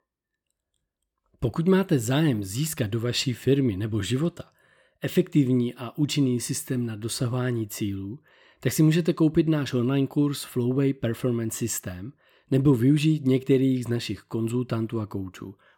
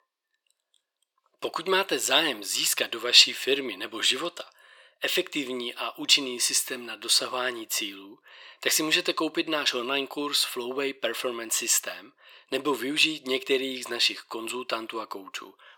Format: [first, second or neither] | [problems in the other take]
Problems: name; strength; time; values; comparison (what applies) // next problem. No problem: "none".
first | thin; very; fading below 500 Hz